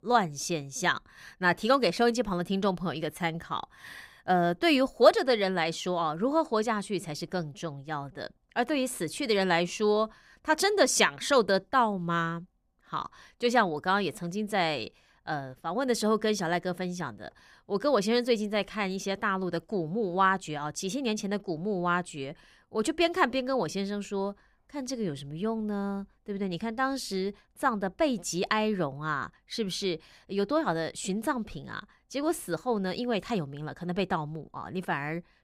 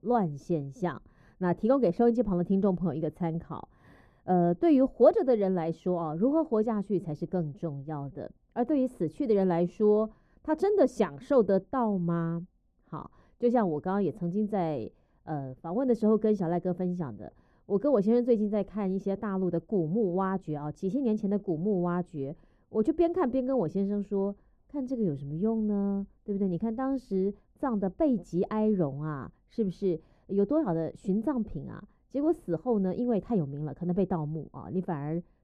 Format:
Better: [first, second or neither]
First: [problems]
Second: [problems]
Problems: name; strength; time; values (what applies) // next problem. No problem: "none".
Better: first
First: none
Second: muffled; very; fading above 1 kHz